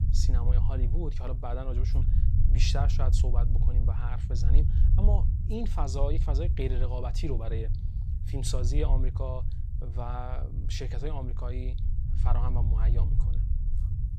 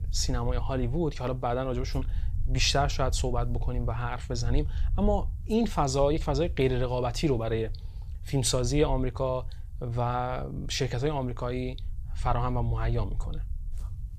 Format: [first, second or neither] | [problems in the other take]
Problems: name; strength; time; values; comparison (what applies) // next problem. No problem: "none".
second | low rumble; loud; throughout; 7 dB below the speech; faint in the second